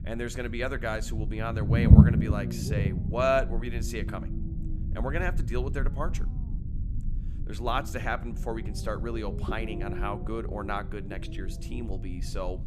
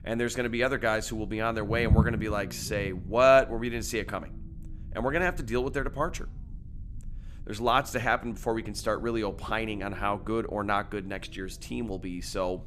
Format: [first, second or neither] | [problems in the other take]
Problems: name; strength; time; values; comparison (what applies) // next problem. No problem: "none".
second | low rumble; loud; throughout; 7 dB below the speech; faint in the second